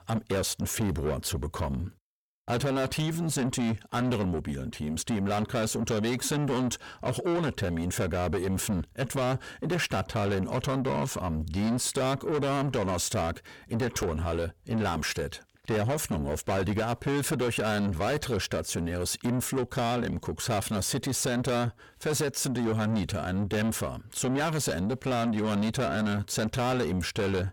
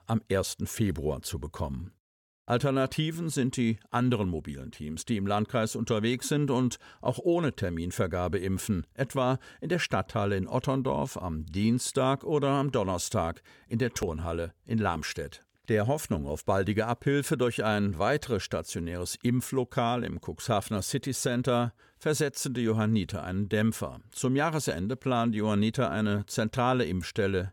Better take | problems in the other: second | distortion; heavy; 7 dB below the speech

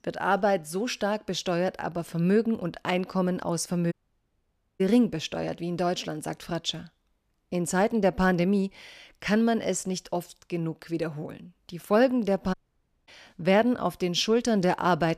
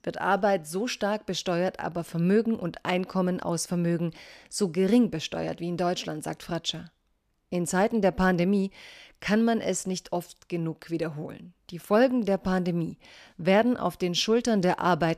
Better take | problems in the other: second | audio cutting out; at 4 s for 1 s and at 13 s for 0.5 s

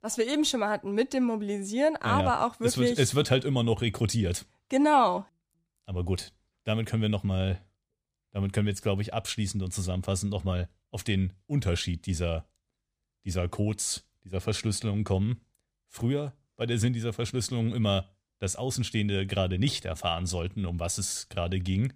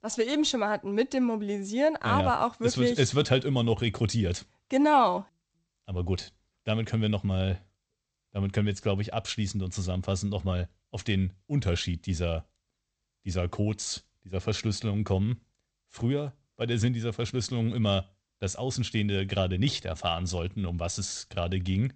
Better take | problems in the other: first | garbled, watery; slightly; nothing above 8 kHz

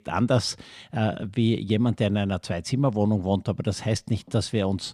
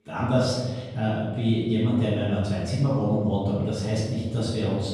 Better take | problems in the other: first | off-mic speech; far // room echo; strong; dies away in 1.2 s

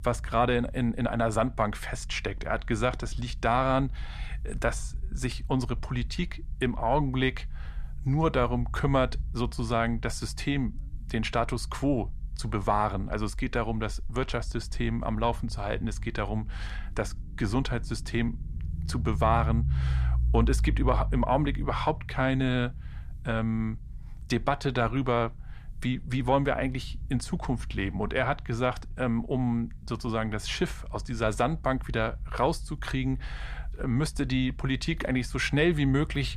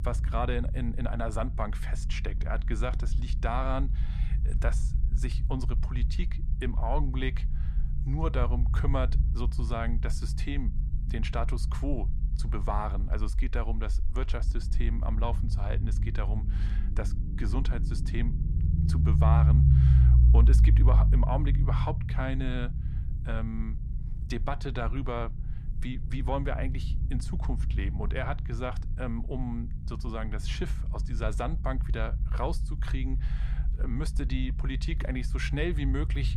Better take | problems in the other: first | low rumble; loud; throughout; 8 dB below the speech; faint in the first

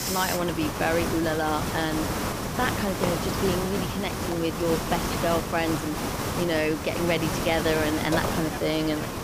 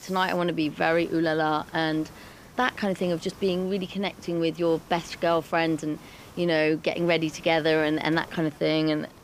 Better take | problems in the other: second | hiss; loud; throughout; 2 dB below the speech; faint in the second

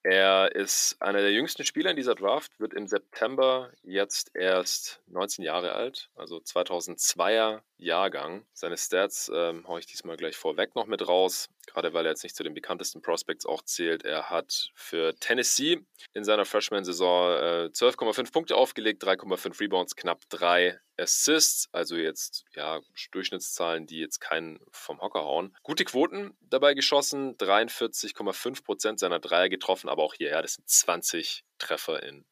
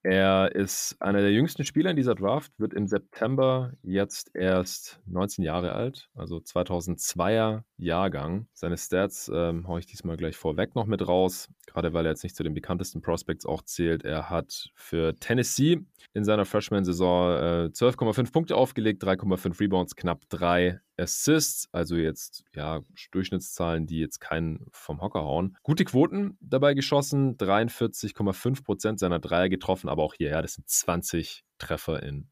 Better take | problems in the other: second | thin; somewhat; fading below 350 Hz

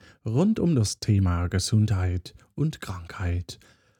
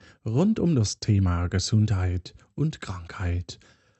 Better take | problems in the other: first | garbled, watery; slightly; nothing above 8 kHz

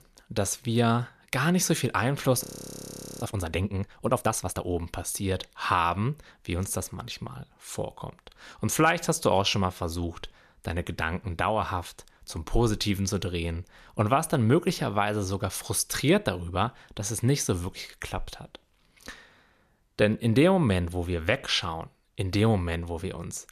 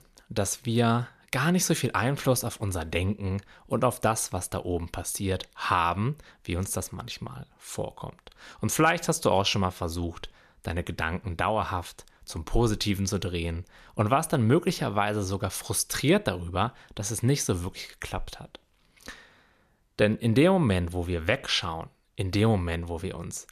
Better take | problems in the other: second | audio freezing; at 2.5 s for 1 s

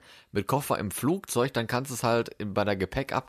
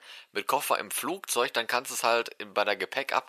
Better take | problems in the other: first | thin; very; fading below 600 Hz

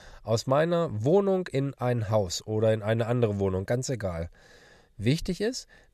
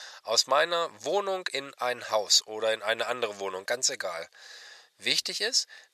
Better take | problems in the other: first | thin; very; fading below 900 Hz

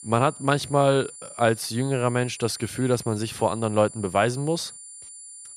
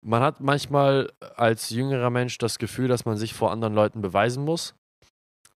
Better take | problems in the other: second | high-pitched whine; noticeable; throughout; 9.5 kHz, 15 dB below the speech

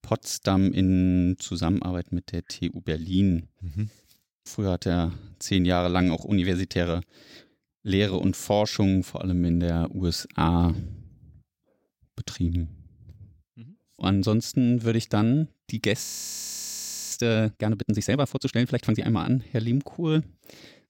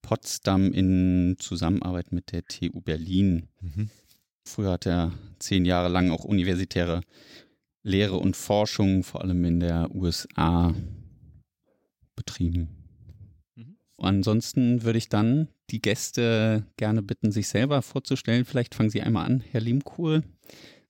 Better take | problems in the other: second | audio freezing; at 16 s for 1 s

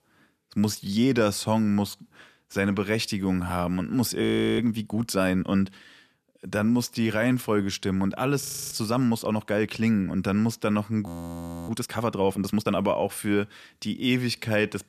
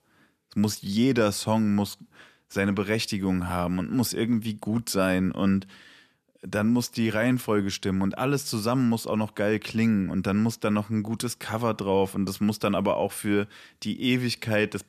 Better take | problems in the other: second | audio freezing; at 4 s, at 8.5 s and at 11 s for 0.5 s

